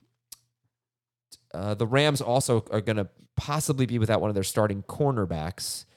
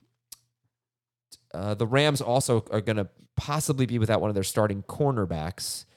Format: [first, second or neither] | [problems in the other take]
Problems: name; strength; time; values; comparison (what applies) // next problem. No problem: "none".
neither | none